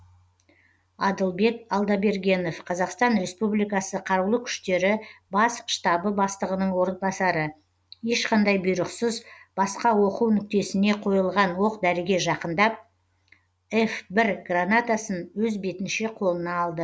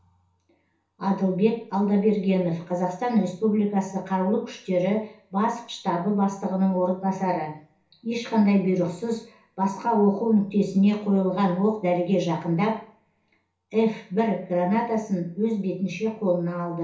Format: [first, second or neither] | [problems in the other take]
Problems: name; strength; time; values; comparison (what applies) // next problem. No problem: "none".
first | room echo; dies away in 0.7 s